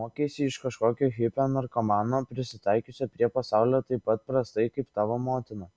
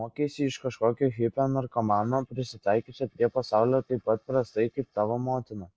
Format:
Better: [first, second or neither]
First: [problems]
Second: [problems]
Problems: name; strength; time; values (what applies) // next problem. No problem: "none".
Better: first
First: none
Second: noise reduction (neural mask model Resemble Enhance denoiser)